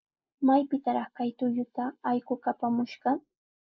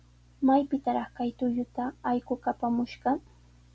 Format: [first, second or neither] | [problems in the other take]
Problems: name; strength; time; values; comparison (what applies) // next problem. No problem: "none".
second | noise reduction (neural mask model Resemble Enhance denoiser)